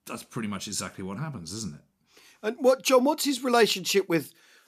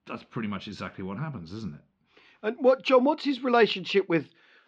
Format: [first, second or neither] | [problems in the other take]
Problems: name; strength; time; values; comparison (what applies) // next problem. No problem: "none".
first | muffled; slightly; fading above 3.5 kHz